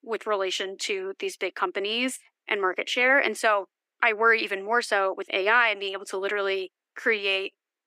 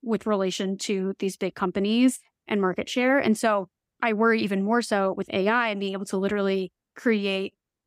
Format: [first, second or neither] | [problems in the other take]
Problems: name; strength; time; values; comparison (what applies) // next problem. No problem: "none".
second | thin; very; fading below 300 Hz